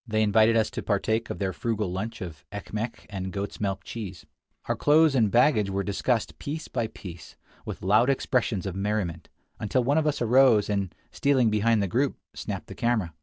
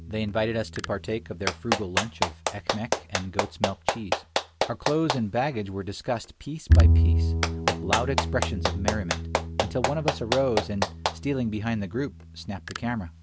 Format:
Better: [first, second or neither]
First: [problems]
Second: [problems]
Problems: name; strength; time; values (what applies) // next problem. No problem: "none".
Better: first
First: none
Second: background sound (Clapping + Bowed string instrument); 3 dB above the speech